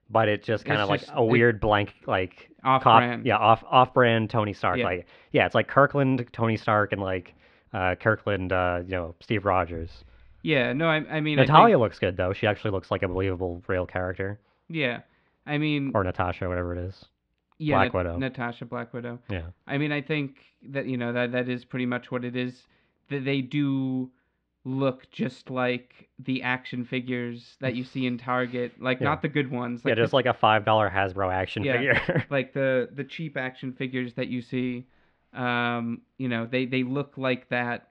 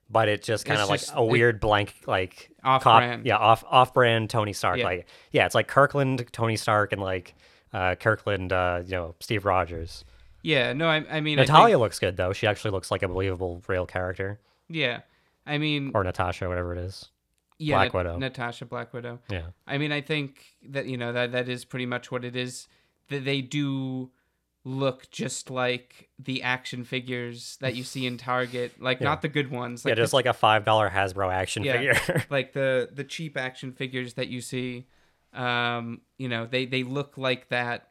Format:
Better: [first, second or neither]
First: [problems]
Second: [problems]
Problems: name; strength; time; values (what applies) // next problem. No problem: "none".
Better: second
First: muffled; slightly; fading above 3 kHz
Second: none